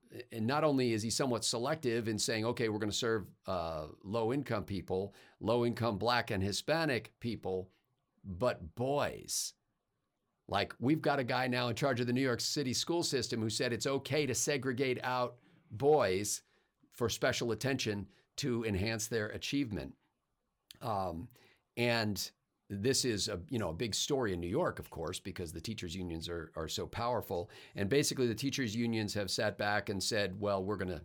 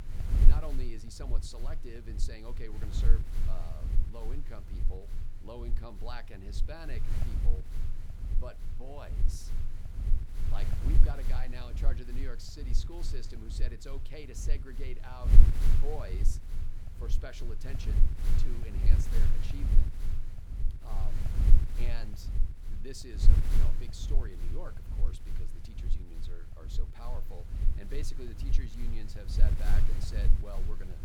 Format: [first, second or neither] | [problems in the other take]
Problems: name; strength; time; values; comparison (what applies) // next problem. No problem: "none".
first | wind noise on the microphone; heavy; 3 dB below the speech